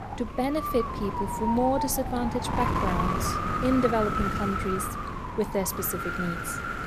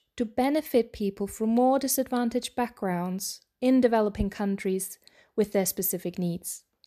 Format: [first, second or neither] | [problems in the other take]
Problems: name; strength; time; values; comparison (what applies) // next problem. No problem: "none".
second | wind noise on the microphone; heavy; 1 dB above the speech